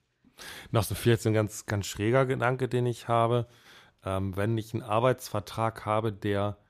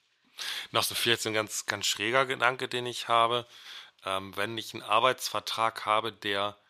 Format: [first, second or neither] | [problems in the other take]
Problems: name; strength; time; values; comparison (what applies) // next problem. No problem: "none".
first | thin; somewhat; fading below 950 Hz